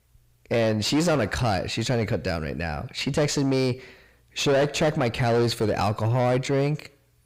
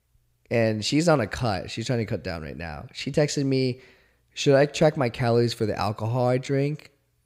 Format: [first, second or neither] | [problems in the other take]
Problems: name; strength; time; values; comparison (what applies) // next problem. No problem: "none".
second | distortion; heavy; 6 dB below the speech